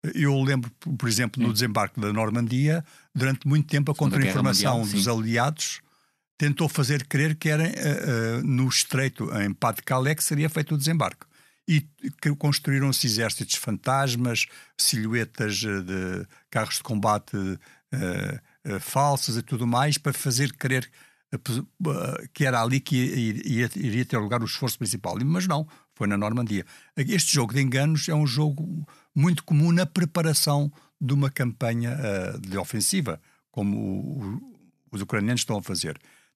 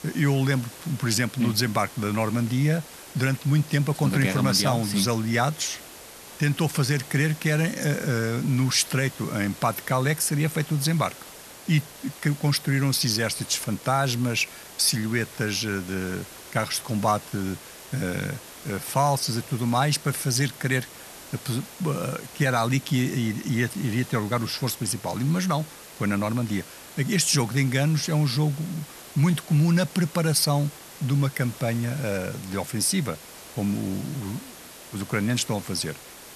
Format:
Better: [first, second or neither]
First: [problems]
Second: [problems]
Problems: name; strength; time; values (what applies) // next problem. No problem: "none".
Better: first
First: none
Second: hiss; noticeable; throughout; 15 dB below the speech